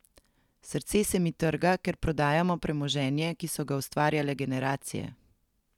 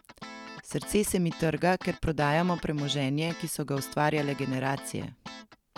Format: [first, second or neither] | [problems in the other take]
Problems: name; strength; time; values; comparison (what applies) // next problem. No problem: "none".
first | background sound (Guitar); 16 dB below the speech